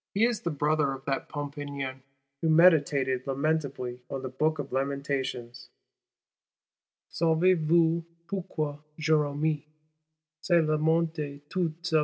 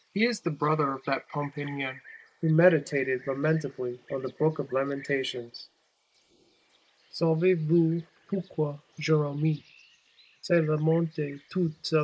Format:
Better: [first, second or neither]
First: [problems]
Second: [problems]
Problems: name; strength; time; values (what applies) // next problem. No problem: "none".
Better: first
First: none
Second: noise reduction (neural mask model Resemble Enhance denoiser)